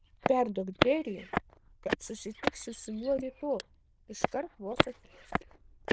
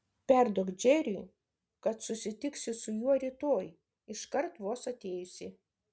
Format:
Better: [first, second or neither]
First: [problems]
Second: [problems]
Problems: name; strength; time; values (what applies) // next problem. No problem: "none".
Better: second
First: noise reduction (neural diffusion model UNIVERSE++)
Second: none